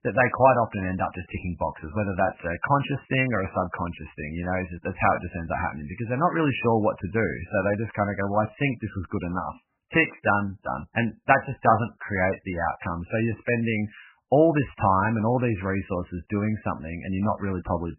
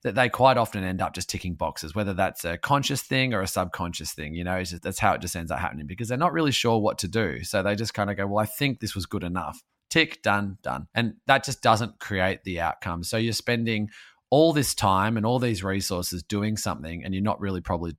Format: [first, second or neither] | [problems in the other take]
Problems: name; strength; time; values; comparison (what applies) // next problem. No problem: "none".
second | garbled, watery; badly; nothing above 3 kHz